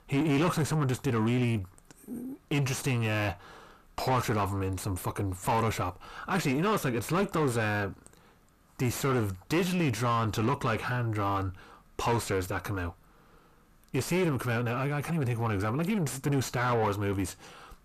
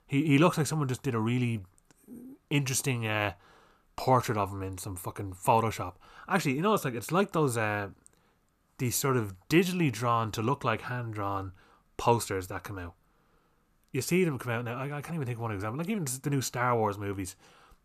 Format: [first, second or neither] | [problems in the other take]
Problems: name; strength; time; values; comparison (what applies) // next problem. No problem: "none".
second | distortion; heavy; 5 dB below the speech